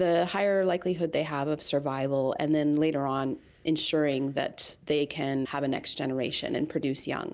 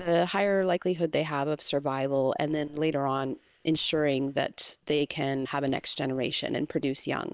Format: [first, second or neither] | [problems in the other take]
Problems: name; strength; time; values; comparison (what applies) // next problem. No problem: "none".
first | noise reduction (neural separator model SepFormer WHAM!)